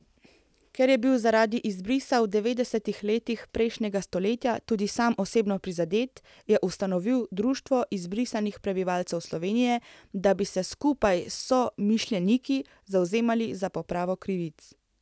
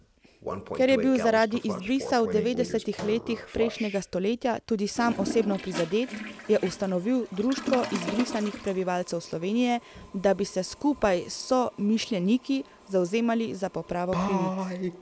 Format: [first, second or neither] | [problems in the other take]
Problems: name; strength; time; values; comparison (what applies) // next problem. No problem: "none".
first | background sound (Toilet flush); 9 dB below the speech